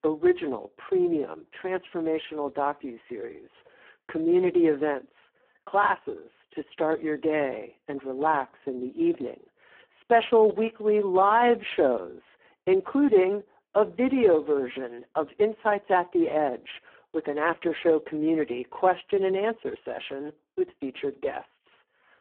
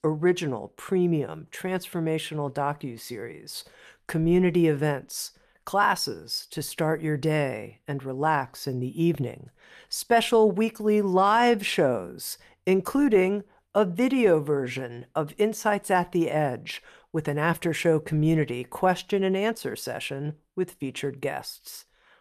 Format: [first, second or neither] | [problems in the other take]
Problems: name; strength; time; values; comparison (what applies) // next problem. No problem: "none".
second | phone-call audio; poor line